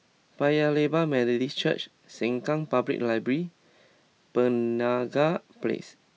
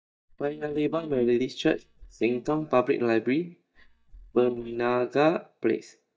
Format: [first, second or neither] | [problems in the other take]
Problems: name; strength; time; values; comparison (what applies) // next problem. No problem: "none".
first | noise reduction (neural mask model DeepFilterNet 3)